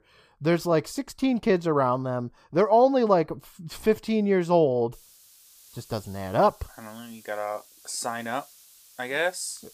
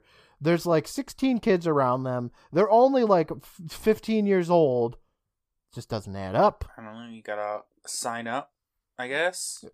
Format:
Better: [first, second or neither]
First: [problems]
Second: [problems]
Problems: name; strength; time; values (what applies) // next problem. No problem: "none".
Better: second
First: hiss; faint; from 5 s on; 25 dB below the speech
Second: none